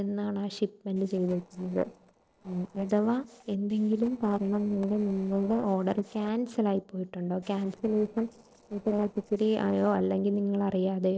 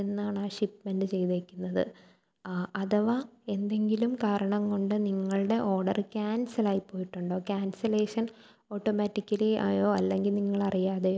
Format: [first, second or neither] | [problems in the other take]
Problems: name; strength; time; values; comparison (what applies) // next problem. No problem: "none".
second | noise reduction (neural separator model SepFormer DNS4)